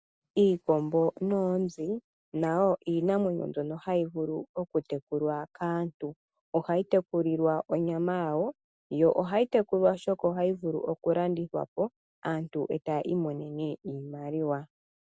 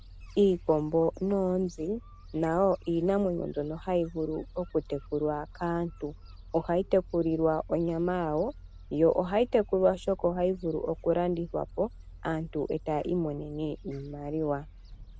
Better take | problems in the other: first | background sound (Gull, seagull); 17 dB below the speech

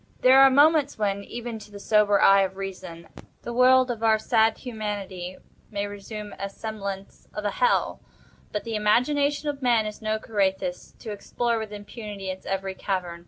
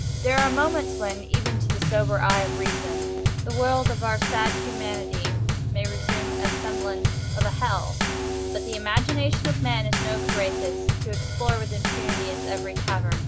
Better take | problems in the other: first | background sound (Bass drum / Snare drum / Drum kit); 4 dB above the speech

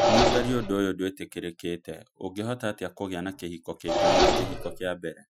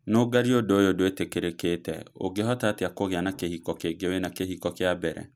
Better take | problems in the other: second | noise reduction (classical method Wiener filter)

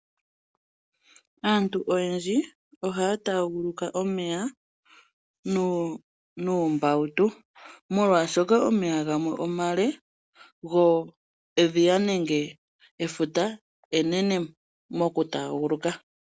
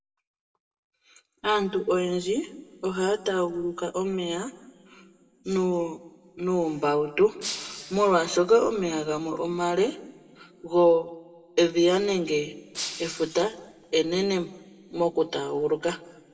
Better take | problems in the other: first | background sound (Shatter); 12 dB below the speech // room echo; dies away in 1.3 s

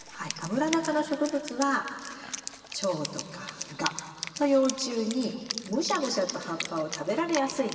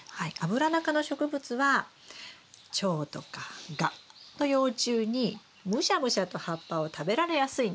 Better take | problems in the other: second | background sound (Wind instrument, woodwind instrument); 11 dB below the speech // room echo; dies away in 2.4 s

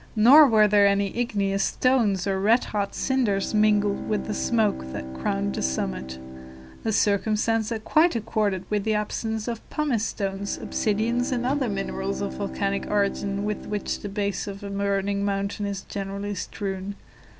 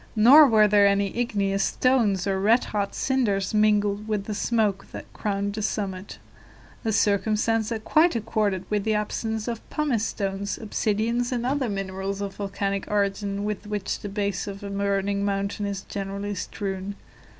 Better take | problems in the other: second | background sound (Bowed string instrument); 13 dB below the speech

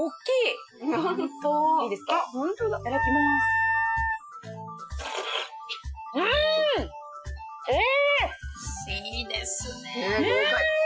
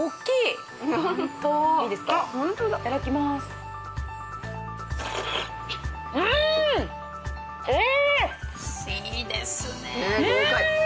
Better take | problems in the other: second | noise reduction (classical method Wiener filter)

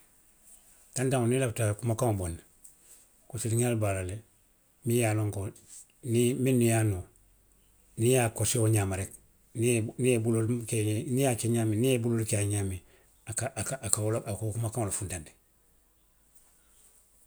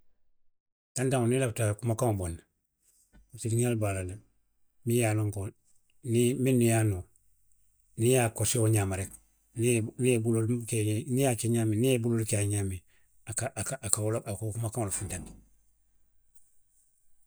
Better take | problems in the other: first | noise reduction (neural mask model DeepFilterNet 3)

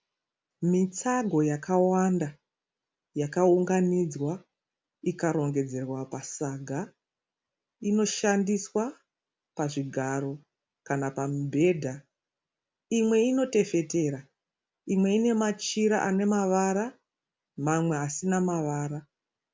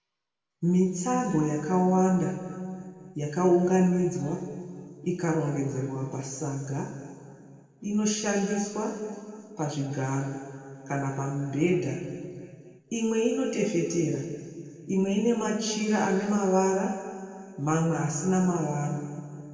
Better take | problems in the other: first | room echo; dies away in 2.3 s

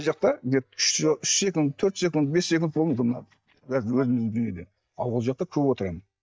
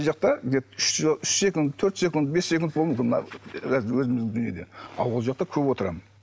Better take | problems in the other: second | noise reduction (neural mask model DeepFilterNet 3)

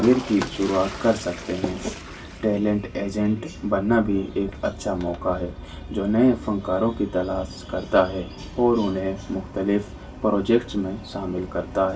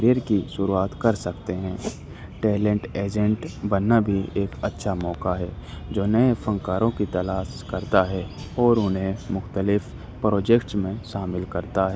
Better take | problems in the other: second | background sound (Toilet flush); 17 dB below the speech // room echo; dies away in 0.2 s

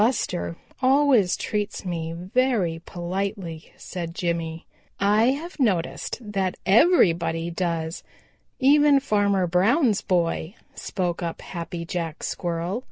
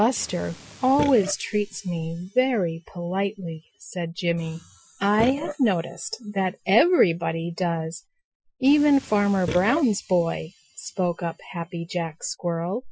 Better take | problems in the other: first | noise reduction (classical method Wiener filter)

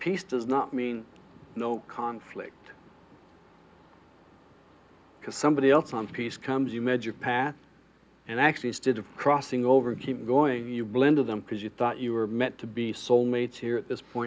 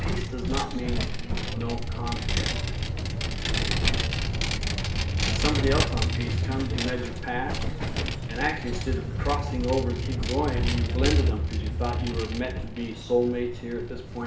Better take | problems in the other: first | background sound (Vehicle); 4 dB above the speech // room echo; dies away in 0.6 s

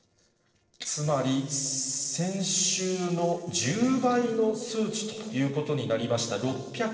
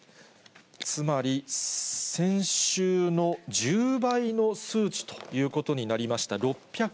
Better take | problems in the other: second | noise reduction (neural separator model SepFormer DNS4)

